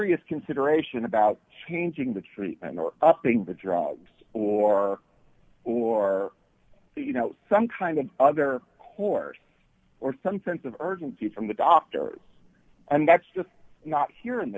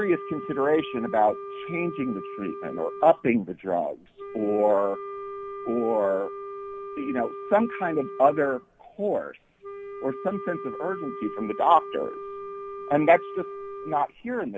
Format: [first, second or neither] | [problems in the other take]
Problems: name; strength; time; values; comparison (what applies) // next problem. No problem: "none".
first | background sound (Wind instrument, woodwind instrument); 11 dB below the speech